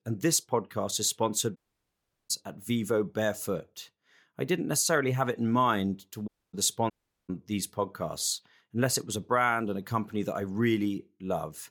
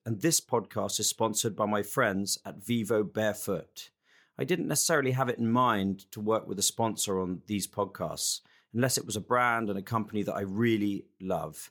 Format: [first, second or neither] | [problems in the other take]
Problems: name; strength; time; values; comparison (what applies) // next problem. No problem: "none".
second | audio cutting out; at 1.5 s for 0.5 s, at 6.5 s and at 7 s